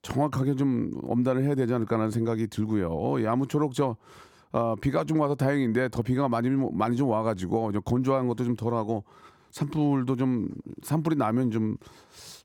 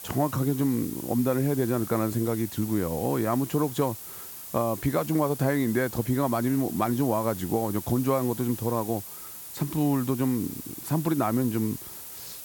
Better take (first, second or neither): first